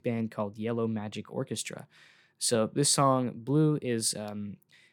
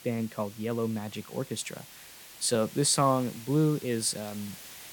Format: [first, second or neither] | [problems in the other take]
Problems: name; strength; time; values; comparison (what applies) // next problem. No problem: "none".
first | hiss; noticeable; throughout; 15 dB below the speech